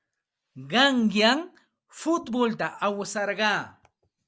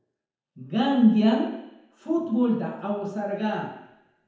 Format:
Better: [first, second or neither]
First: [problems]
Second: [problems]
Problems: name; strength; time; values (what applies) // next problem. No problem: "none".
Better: first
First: none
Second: room echo; dies away in 1 s